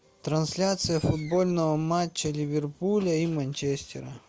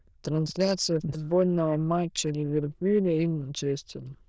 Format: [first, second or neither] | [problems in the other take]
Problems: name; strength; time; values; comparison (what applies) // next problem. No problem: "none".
first | noise reduction (neural diffusion model UNIVERSE++)